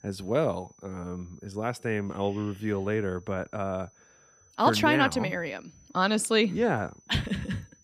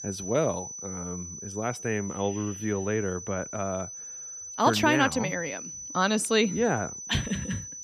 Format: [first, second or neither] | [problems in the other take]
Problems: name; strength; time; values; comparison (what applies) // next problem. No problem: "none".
first | high-pitched whine; loud; throughout; 6 kHz, 9 dB below the speech; faint in the first